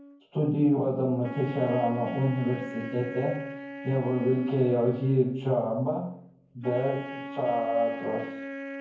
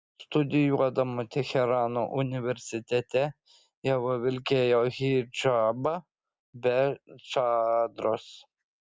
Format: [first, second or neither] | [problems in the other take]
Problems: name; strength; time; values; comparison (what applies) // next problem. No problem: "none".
second | background sound (Wind instrument, woodwind instrument); 12 dB below the speech // room echo; dies away in 0.9 s